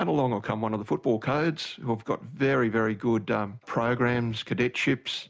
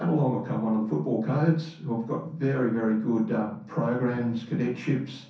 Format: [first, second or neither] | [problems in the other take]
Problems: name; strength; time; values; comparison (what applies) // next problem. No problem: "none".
first | room echo; dies away in 0.6 s